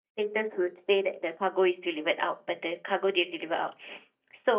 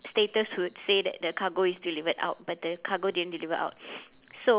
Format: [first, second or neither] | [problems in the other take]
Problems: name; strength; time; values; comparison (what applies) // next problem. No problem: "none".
second | noise reduction (neural mask model DeepFilterNet 3)